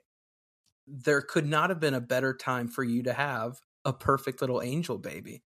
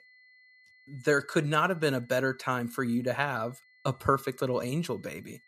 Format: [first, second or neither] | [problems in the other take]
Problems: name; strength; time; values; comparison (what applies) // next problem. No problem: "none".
first | high-pitched whine; faint; throughout; 2 kHz, 30 dB below the speech